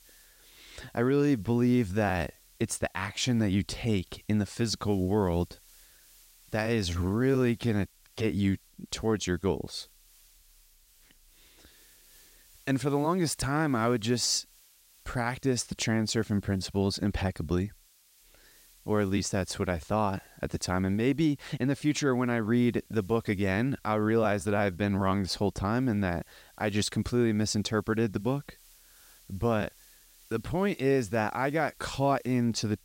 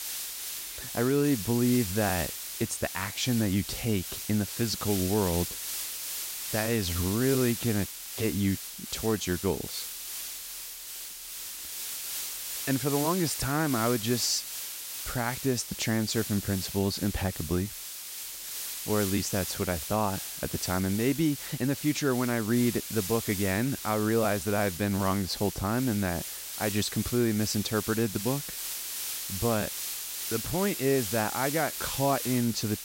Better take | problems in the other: first | hiss; loud; throughout; 5 dB below the speech; faint in the first

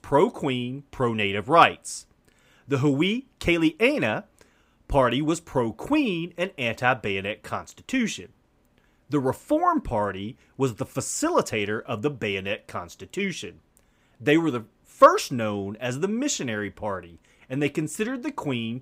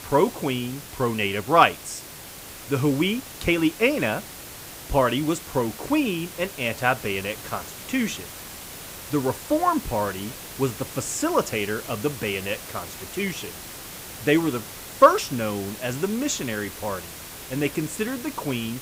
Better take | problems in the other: first | hiss; noticeable; throughout; 10 dB below the speech

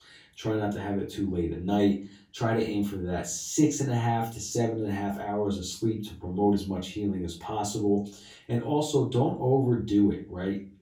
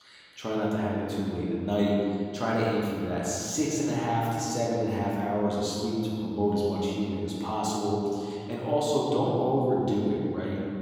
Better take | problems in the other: first | room echo; strong; dies away in 2.4 s; slight in the first // off-mic speech; far; far in the first

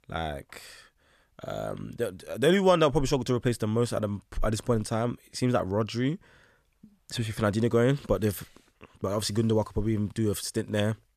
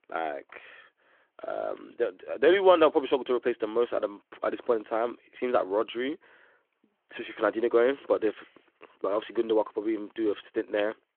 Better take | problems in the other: first | phone-call audio

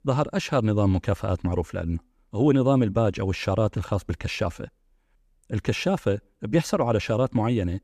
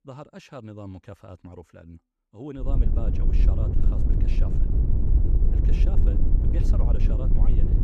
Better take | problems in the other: first | wind noise on the microphone; heavy; from 2.5 s on; 3 dB above the speech

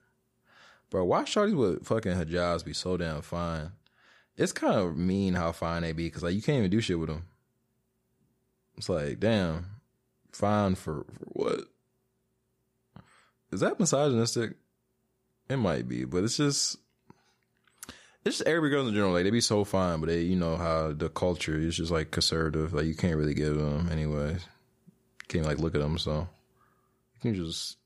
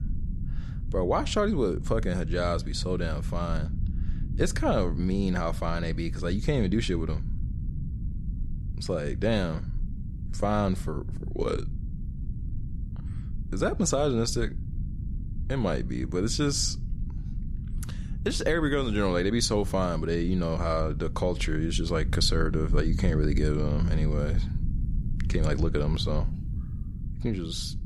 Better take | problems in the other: first | low rumble; noticeable; throughout; 15 dB below the speech

